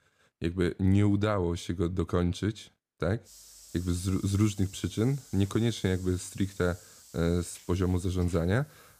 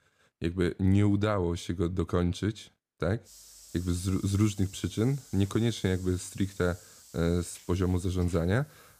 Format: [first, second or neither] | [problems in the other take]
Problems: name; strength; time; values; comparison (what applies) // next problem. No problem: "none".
neither | hiss; faint; from 3.5 s on; 20 dB below the speech; the same in both